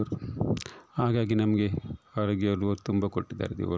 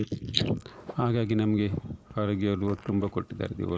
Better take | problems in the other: first | noise reduction (neural mask model Resemble Enhance denoiser)

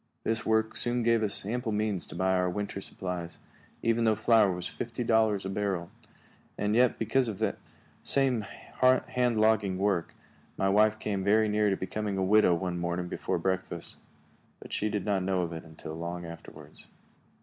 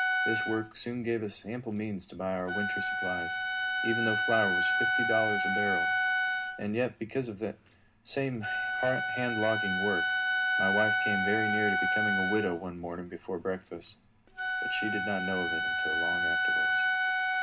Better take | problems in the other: first | background sound (Wind instrument, woodwind instrument); 4 dB above the speech // room echo; dies away in 0.2 s

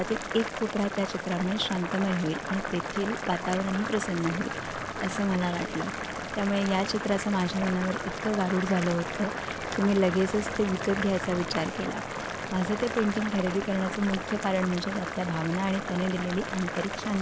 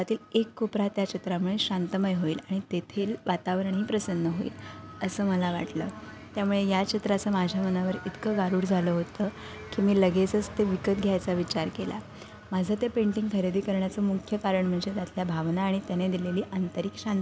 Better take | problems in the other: second | background sound (Boiling); 6 dB below the speech

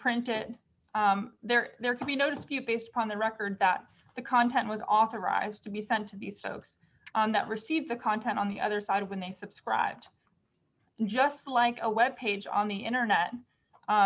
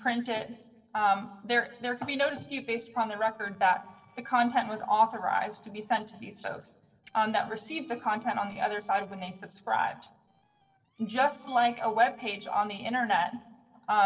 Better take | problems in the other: first | noise reduction (neural separator model SepFormer DNS4)

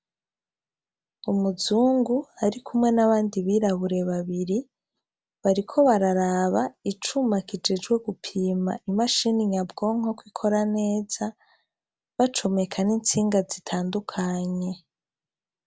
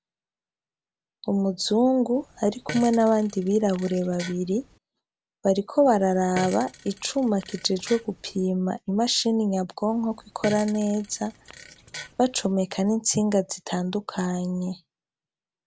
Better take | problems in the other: first | background sound (Fart); 16 dB below the speech

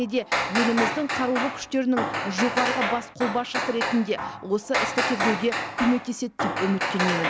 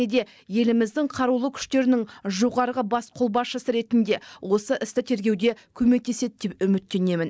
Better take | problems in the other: second | background sound (Hammer); 1 dB below the speech

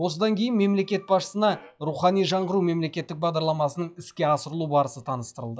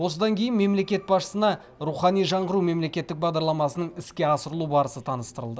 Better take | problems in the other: second | noise reduction (classical method log-MMSE)

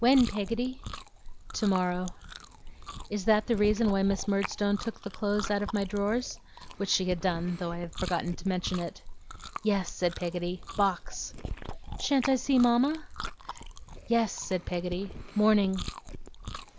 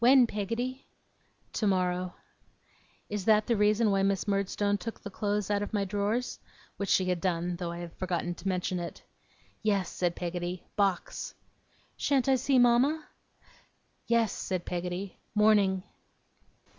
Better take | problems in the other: second | background sound (Chewing, mastication); 11 dB below the speech

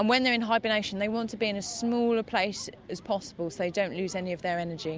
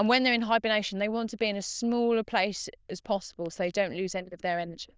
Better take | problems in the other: first | noise reduction (neural diffusion model UNIVERSE++)

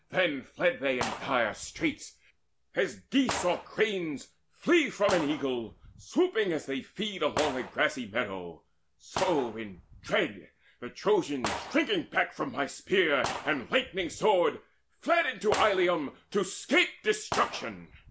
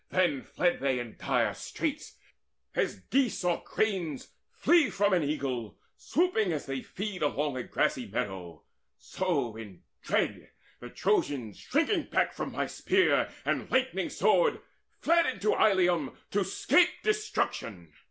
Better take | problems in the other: second | background sound (Gunshot, gunfire); 12 dB below the speech

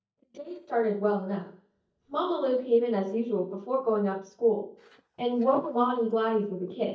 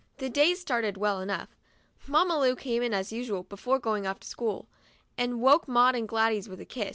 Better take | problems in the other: second | noise reduction (neural mask model DeepFilterNet 3)

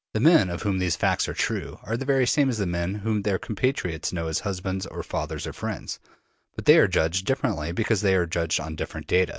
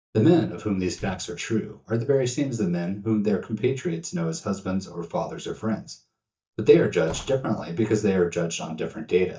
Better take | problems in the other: first | noise reduction (neural mask model DeepFilterNet 3)

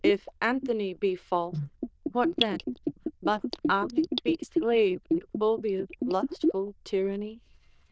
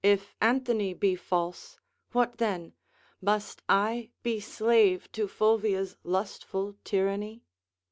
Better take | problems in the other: second | noise reduction (neural diffusion model UNIVERSE++)

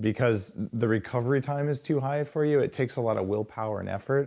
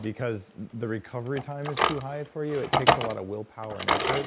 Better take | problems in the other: first | background sound (Drawer open or close); 3 dB above the speech

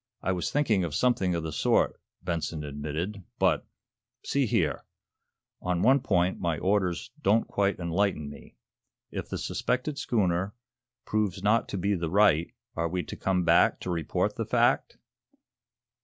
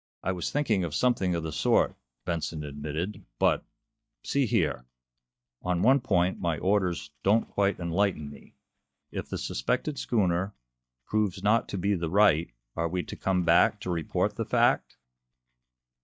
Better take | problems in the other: first | noise reduction (neural mask model DeepFilterNet 3)

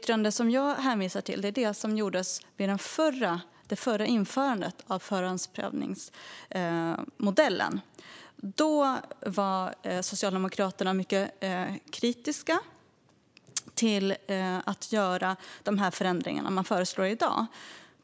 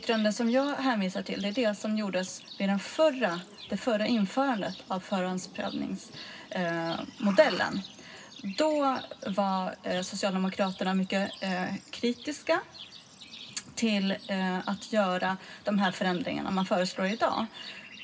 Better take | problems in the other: first | background sound (Livestock, farm animals, working animals); 18 dB below the speech // room echo; dies away in 0.4 s

